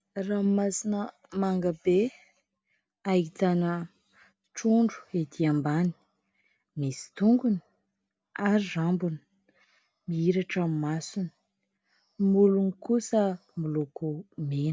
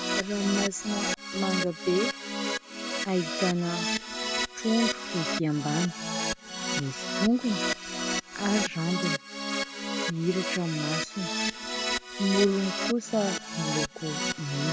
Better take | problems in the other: first | background sound (Keyboard (musical)); 1 dB below the speech

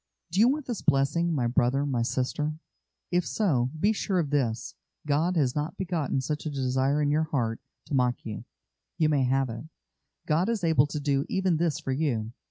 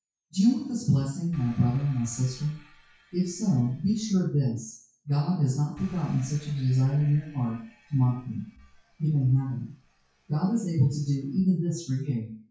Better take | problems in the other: first | noise reduction (classical method WPE with log-MMSE)

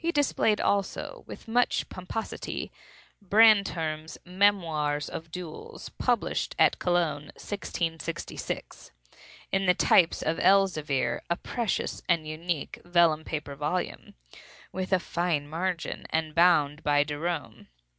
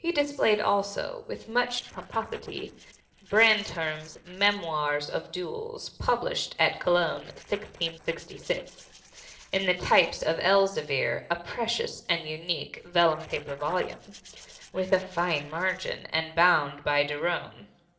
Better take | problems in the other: first | noise reduction (neural separator model SepFormer DNS4)

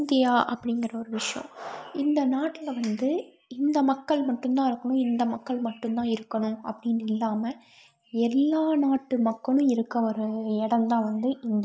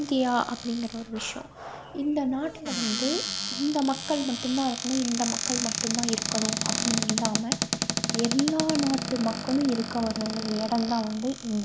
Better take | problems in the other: first | background sound (Cupboard open or close); 3 dB below the speech

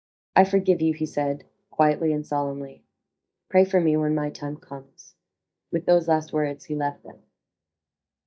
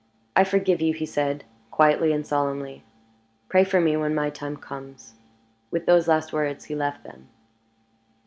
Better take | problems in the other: second | noise reduction (neural mask model DeepFilterNet 3)

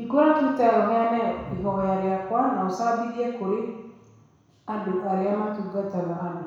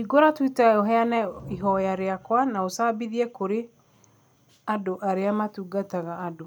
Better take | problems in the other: second | room echo; dies away in 1.1 s

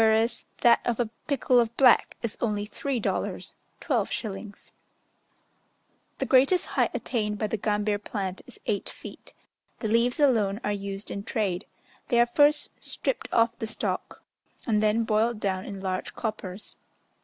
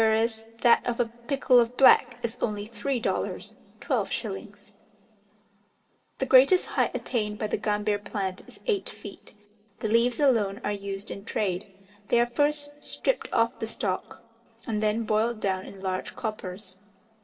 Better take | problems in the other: first | room echo; dies away in 1.7 s

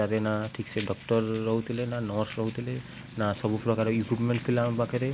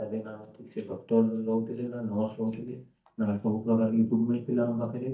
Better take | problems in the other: first | noise reduction (neural mask model DeepFilterNet 3)

